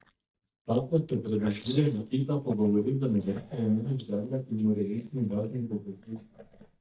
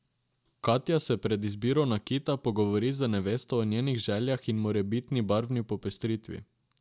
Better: second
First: noise reduction (neural mask model DeepFilterNet 3)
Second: none

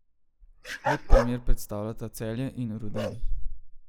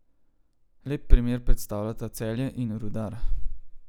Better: second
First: noise reduction (neural mask model Resemble Enhance denoiser)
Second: none

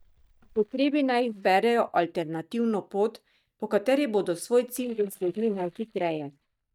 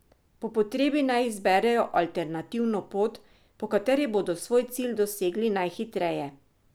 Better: second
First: noise reduction (neural mask model DeepFilterNet 3)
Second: none

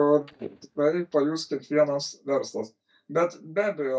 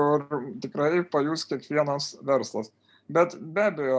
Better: second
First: noise reduction (neural mask model DeepFilterNet 3)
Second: none

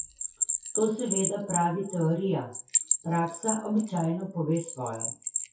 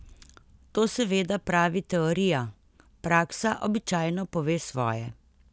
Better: second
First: noise reduction (classical method WPE with log-MMSE)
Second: none

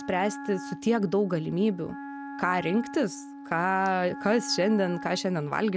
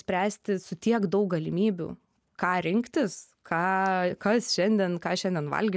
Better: second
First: background sound (Wind instrument, woodwind instrument); 13 dB below the speech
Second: none

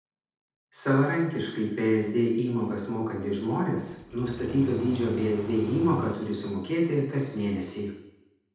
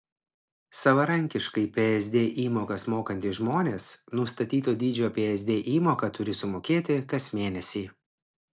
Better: second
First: background sound (Engine starting); 11 dB below the speech // room echo; dies away in 0.8 s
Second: none

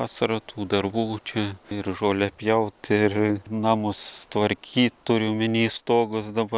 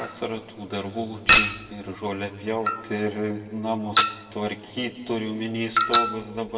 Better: first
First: none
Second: background sound (Chink, clink); 2 dB above the speech // room echo; dies away in 2.1 s

